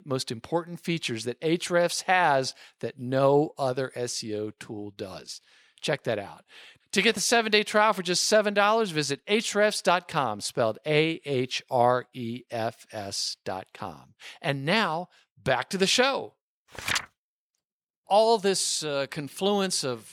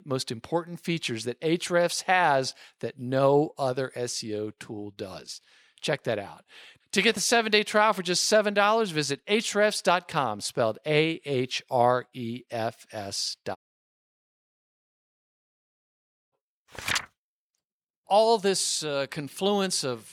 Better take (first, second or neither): first